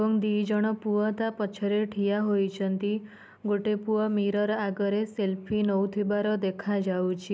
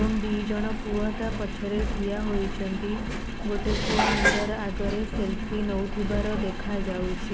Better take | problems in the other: first | background sound (Engine + Dishes, pots, and pans); 2 dB above the speech

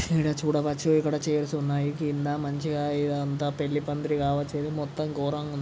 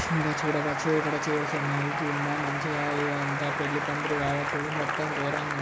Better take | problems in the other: first | background sound (Applause); as loud as the speech

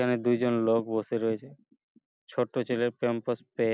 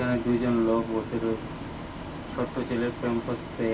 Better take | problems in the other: first | background sound (Bus); 9 dB below the speech // room echo; dies away in 0.2 s

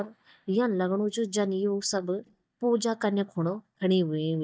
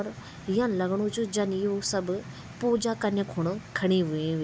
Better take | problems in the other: second | noise reduction (neural mask model DeepFilterNet 3)

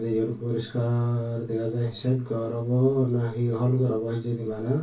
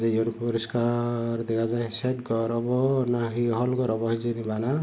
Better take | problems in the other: second | room echo; dies away in 0.2 s

